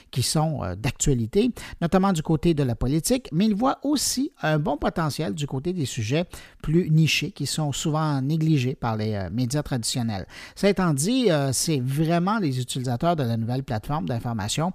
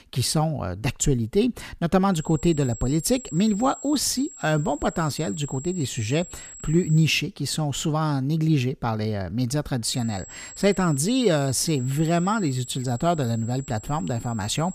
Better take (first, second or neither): first